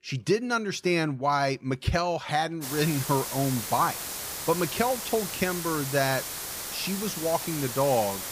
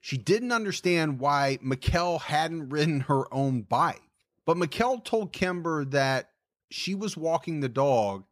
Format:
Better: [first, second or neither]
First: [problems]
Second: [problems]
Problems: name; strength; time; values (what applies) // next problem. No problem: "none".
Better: second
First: hiss; loud; from 2.5 s on; 5 dB below the speech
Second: none